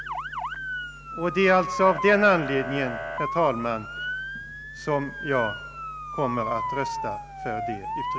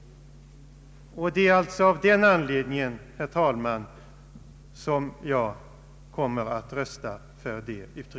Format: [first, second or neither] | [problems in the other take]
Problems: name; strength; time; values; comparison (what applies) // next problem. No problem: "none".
second | background sound (Motor vehicle (road) / Siren); 6 dB below the speech